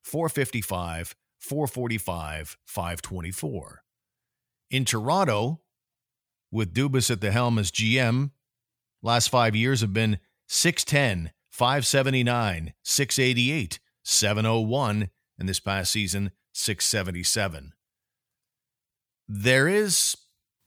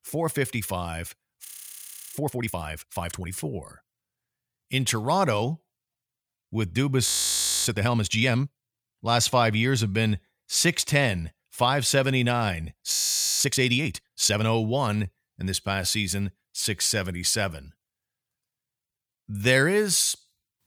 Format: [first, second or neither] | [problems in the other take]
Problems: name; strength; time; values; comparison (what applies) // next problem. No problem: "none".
first | audio freezing; at 1.5 s for 0.5 s, at 7 s for 0.5 s and at 13 s